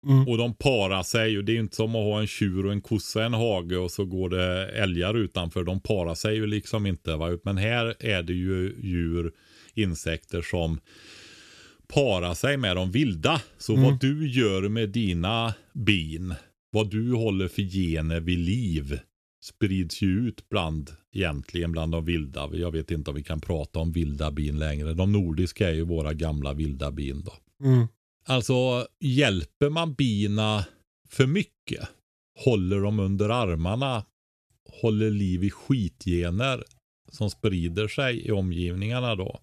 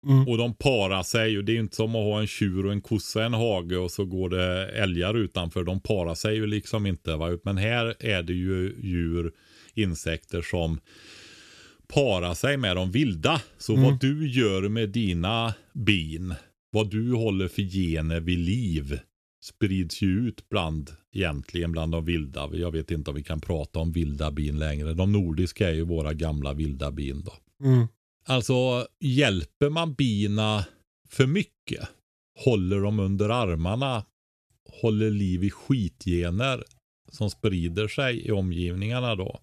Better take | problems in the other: neither | none

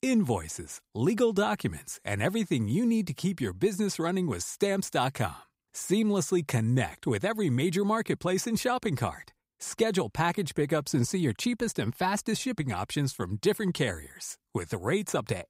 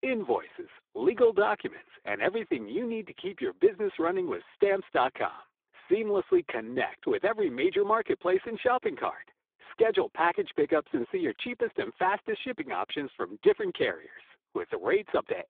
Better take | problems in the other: first | phone-call audio; poor line

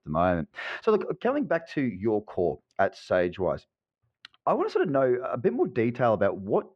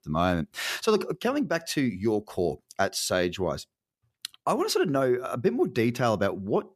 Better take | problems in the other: second | muffled; very; fading above 2 kHz

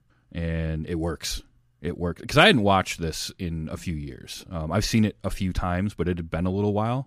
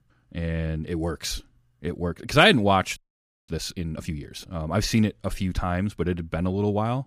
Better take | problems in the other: first | audio freezing; at 3 s for 0.5 s

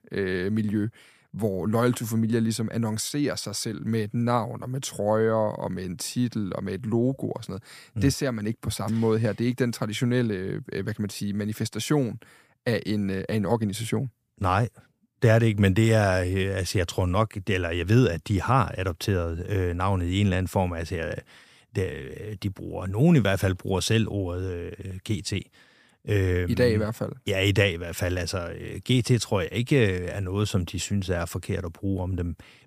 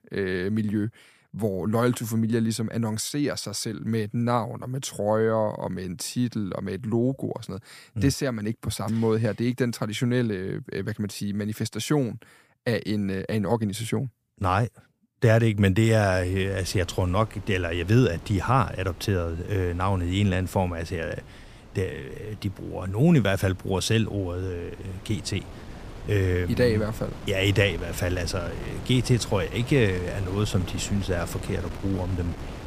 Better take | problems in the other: first | wind noise on the microphone; occasional gusts; from 16 s on; 15 dB below the speech

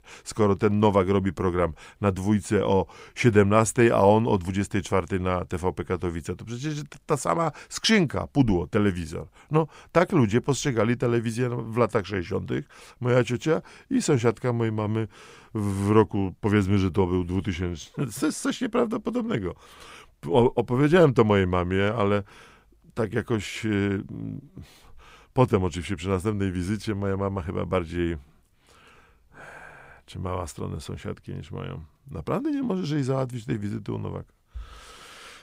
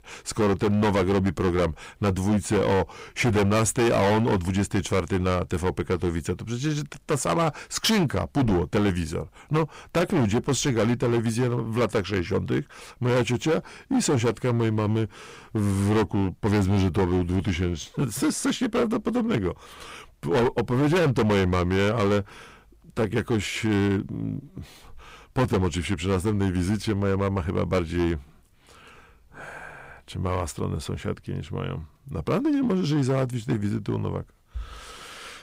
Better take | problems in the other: first | distortion; heavy; 12% of the sound clipped

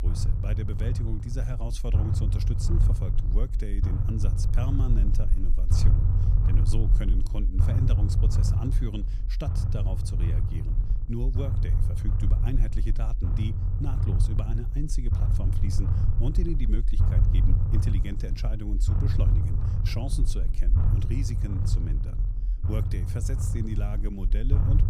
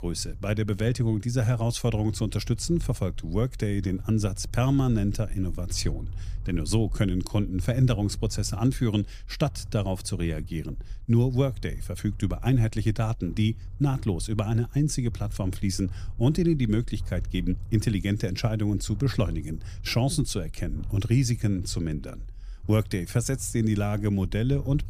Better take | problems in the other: second | low rumble; loud; throughout; 1 dB below the speech; faint in the second

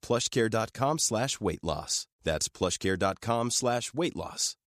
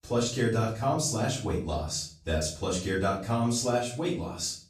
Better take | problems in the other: first | room echo; noticeable; dies away in 0.5 s // off-mic speech; far

